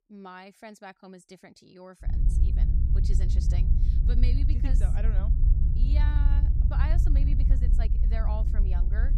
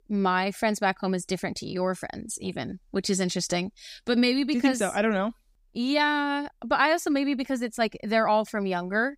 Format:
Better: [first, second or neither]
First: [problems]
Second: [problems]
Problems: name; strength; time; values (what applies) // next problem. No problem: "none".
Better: second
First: low rumble; loud; from 2 s on; 1 dB below the speech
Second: none